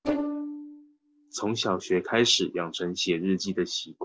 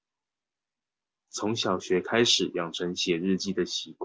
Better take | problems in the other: second | noise reduction (neural separator model SepFormer DNS4)

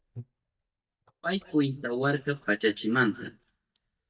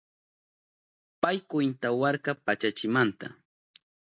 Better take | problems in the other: second | noise reduction (neural mask model DeepFilterNet 3)

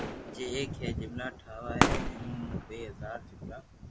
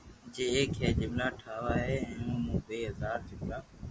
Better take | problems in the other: second | background sound (Fireworks); 3 dB above the speech

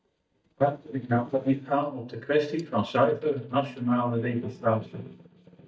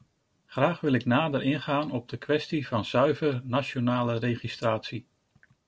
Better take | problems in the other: second | noise reduction (neural mask model DeepFilterNet 3)

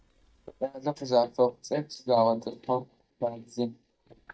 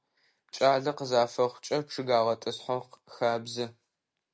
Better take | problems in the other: second | noise reduction (neural mask model DeepFilterNet 3)

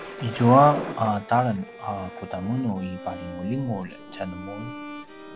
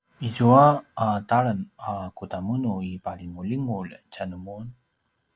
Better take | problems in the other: second | background sound (Bowed string instrument + Thunder); 13 dB below the speech

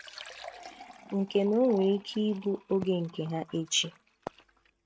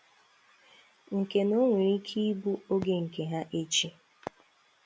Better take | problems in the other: second | noise reduction (neural mask model RNNoise)

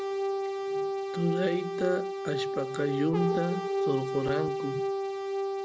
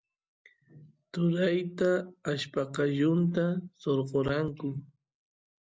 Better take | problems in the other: second | background sound (Brass instrument); 1 dB above the speech

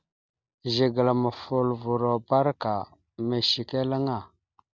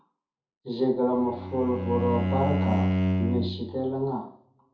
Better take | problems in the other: first | background sound (Bowed string instrument); 1 dB above the speech // room echo; dies away in 0.5 s

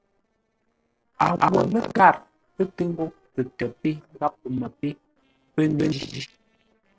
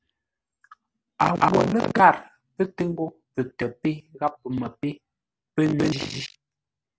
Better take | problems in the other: second | noise reduction (neural separator model SepFormer DNS4)

